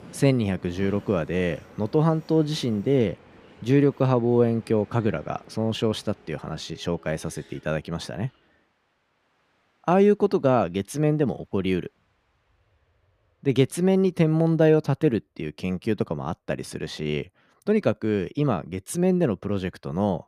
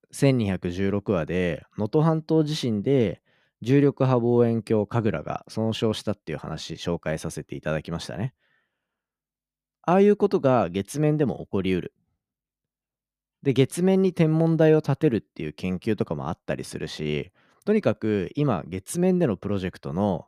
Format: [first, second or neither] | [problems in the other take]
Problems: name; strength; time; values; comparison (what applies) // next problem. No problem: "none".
second | train or aircraft noise; faint; throughout; 25 dB below the speech